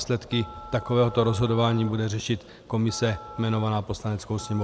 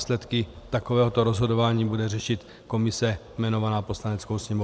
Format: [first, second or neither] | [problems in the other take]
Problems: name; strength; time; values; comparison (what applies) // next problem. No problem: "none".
second | background sound (Telephone); 19 dB below the speech